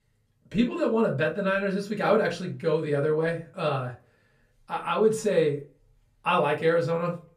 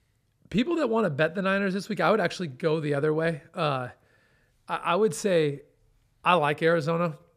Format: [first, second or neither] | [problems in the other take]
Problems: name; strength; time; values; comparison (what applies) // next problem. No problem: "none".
second | off-mic speech; far // room echo; very slight; dies away in 0.2 s